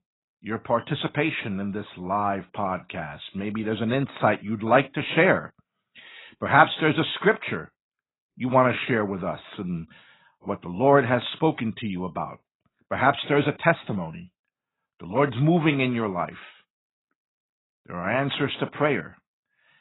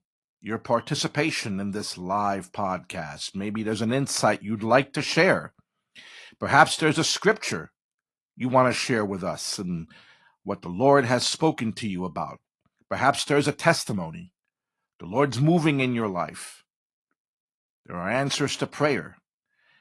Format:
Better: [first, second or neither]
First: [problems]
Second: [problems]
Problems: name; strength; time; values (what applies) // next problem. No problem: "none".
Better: second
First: garbled, watery; badly; nothing above 4 kHz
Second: garbled, watery; slightly